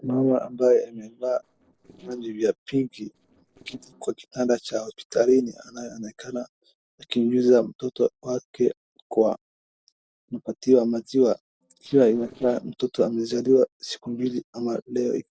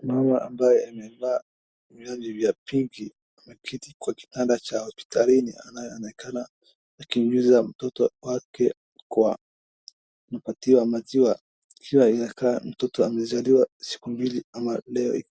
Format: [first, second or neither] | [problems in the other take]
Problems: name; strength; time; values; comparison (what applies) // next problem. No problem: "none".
second | noise reduction (neural separator model SepFormer DNS4)